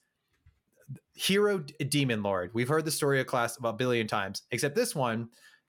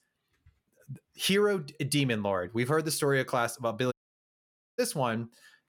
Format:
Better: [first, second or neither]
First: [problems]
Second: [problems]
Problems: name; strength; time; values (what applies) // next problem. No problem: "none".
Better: first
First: none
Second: audio cutting out; at 4 s for 1 s